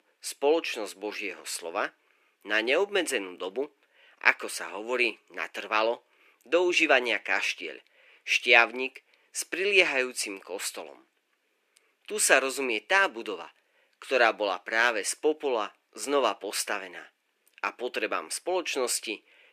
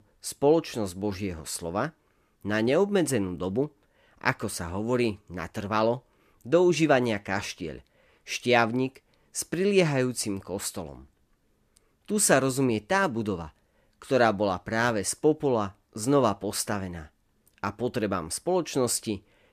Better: second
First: thin; somewhat; fading below 350 Hz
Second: none

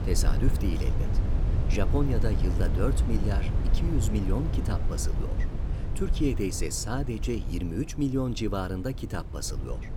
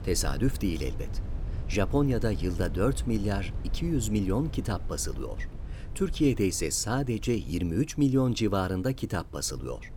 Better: second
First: wind noise on the microphone; heavy; 8 dB below the speech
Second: wind noise on the microphone; occasional gusts; 20 dB below the speech

